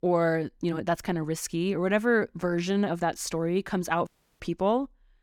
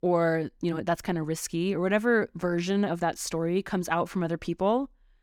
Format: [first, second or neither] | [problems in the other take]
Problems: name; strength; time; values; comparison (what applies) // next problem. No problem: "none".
second | audio cutting out; at 4 s